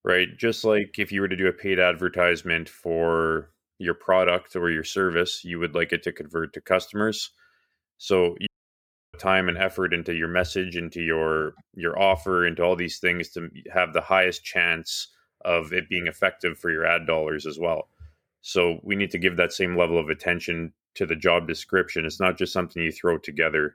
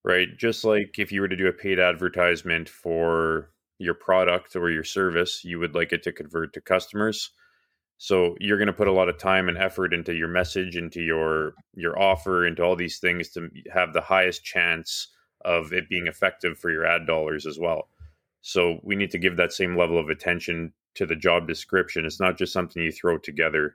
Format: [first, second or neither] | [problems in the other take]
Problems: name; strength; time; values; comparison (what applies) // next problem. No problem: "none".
second | audio cutting out; at 8.5 s for 0.5 s